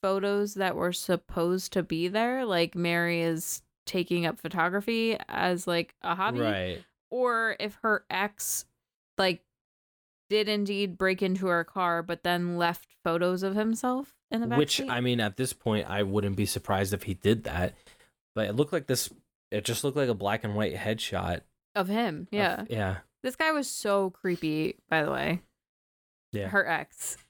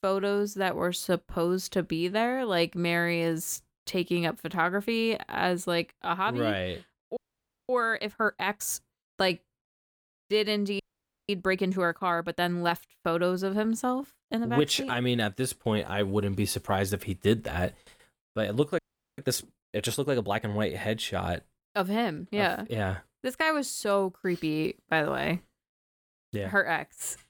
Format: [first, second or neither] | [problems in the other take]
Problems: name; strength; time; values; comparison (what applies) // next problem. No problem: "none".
first | audio freezing; at 7 s for 0.5 s, at 11 s for 0.5 s and at 19 s